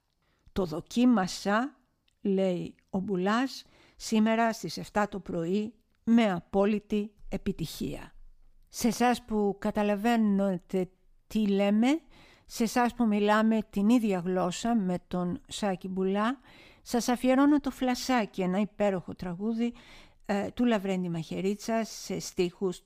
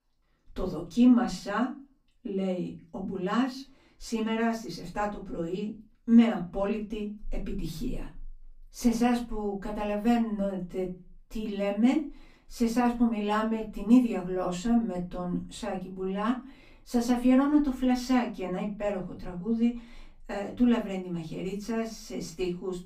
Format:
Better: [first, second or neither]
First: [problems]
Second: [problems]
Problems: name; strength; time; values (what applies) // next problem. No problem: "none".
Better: first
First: none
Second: off-mic speech; far // room echo; very slight; dies away in 0.3 s